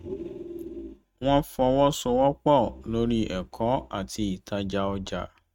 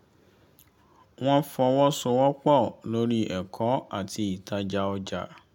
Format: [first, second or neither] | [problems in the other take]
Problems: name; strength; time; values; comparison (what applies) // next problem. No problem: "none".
second | noise reduction (neural mask model RNNoise)